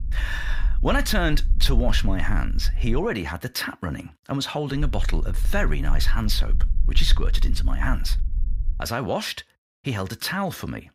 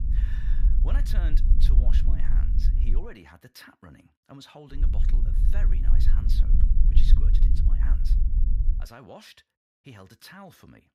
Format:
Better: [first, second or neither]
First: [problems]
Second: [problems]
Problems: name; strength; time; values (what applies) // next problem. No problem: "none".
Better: first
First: low rumble; faint; until 3 s and from 5 to 9 s; 20 dB below the speech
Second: low rumble; loud; until 3 s and from 5 to 9 s; 1 dB below the speech